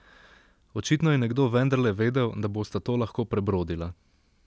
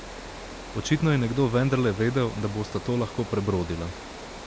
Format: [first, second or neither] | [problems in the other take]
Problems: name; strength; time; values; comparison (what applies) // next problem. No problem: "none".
first | background sound (Water); 12 dB below the speech